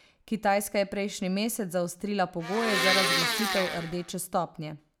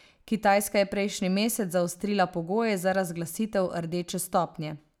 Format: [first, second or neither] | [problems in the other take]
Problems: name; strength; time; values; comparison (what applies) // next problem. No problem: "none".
second | background sound (Domestic sounds, home sounds); 2 dB above the speech